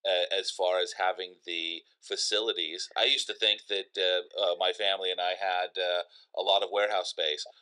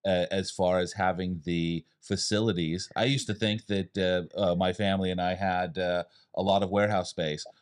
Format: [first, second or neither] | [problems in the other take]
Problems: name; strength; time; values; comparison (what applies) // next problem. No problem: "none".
second | thin; very; fading below 400 Hz